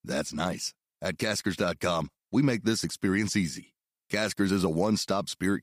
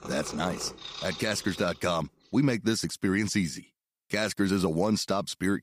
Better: first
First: none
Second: animal sounds; noticeable; until 1.5 s; 10 dB below the speech

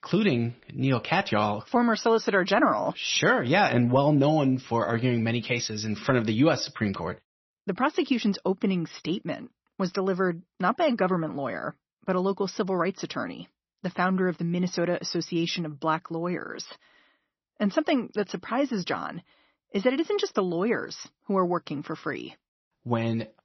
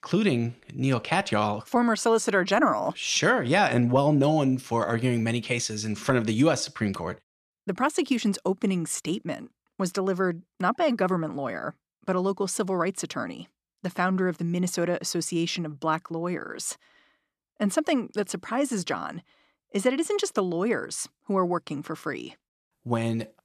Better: second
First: garbled, watery; slightly; nothing above 6 kHz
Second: none

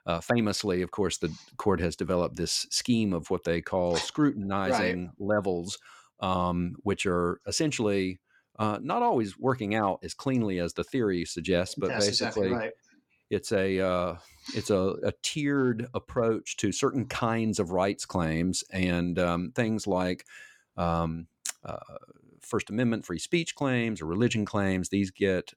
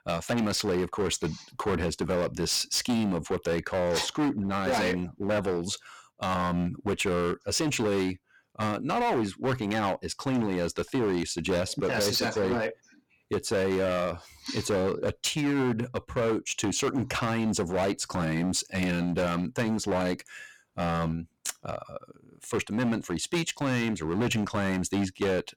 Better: first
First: none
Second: distortion; heavy; 15% of the sound clipped

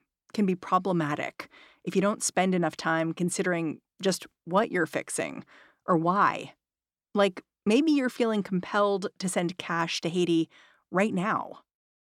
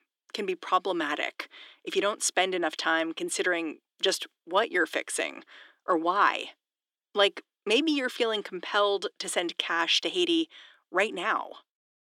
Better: first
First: none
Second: thin; somewhat; fading below 350 Hz

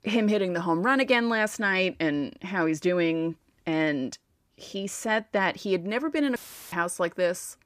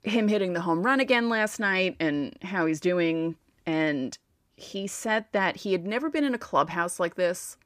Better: second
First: audio cutting out; filled with static; at 6.5 s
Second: none

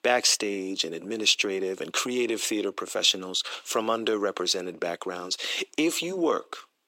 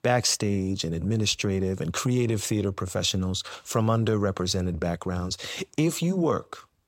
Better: second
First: thin; somewhat; fading below 300 Hz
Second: none

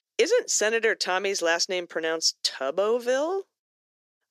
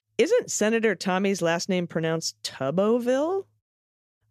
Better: second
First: thin; somewhat; fading below 350 Hz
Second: none

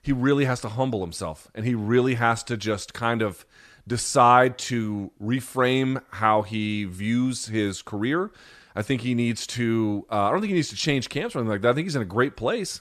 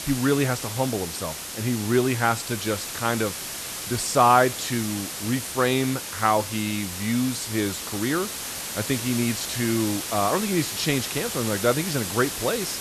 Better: first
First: none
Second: hiss; loud; throughout; 5 dB below the speech

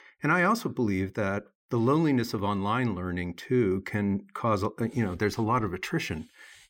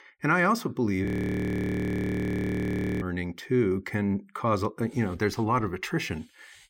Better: first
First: none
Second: audio freezing; at 1 s for 2 s

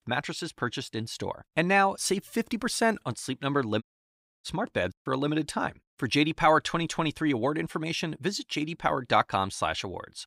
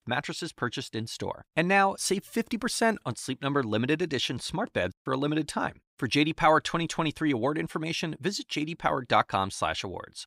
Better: second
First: audio cutting out; at 4 s for 0.5 s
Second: none

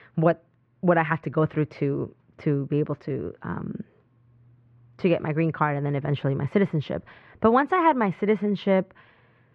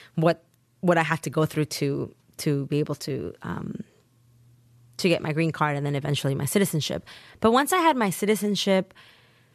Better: second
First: muffled; very; fading above 2 kHz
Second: none

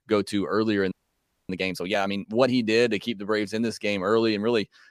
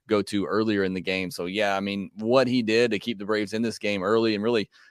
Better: second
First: audio freezing; at 1 s for 0.5 s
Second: none

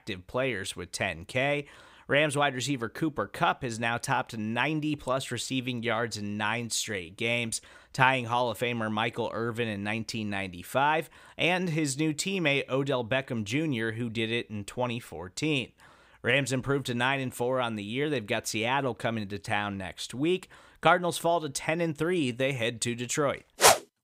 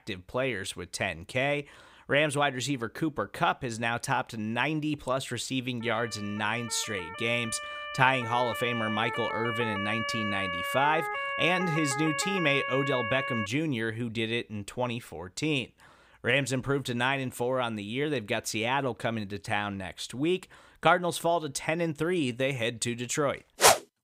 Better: first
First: none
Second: siren; noticeable; from 6 to 13 s; peak 2 dB below the speech

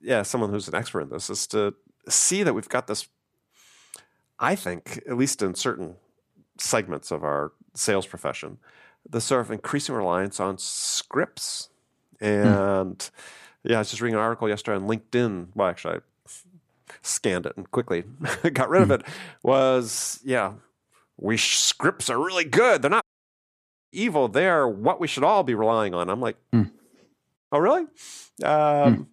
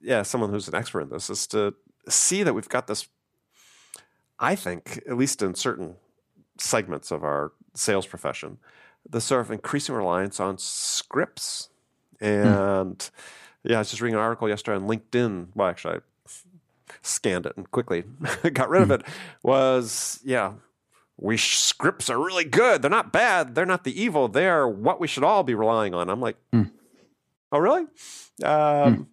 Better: second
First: audio cutting out; at 23 s for 1 s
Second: none

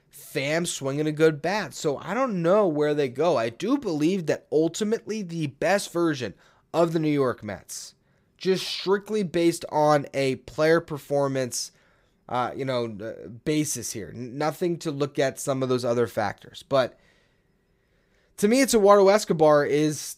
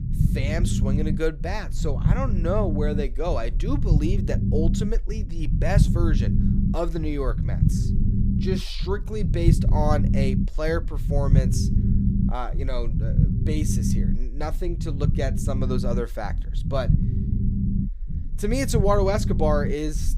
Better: first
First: none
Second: low rumble; loud; throughout; 6 dB below the speech

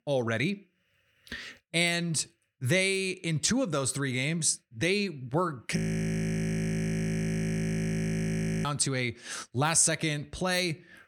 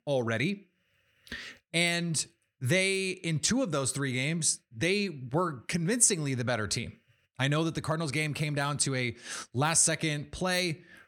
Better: second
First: audio freezing; at 6 s for 3 s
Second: none

